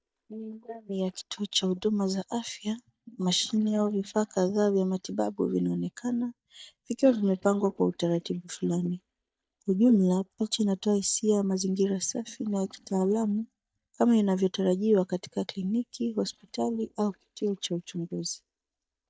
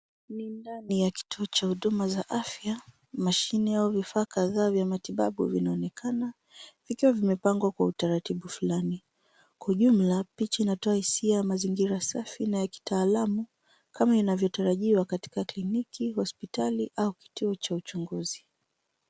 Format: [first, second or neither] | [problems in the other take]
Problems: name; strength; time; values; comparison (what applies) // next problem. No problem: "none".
second | noise reduction (neural mask model DeepFilterNet 3)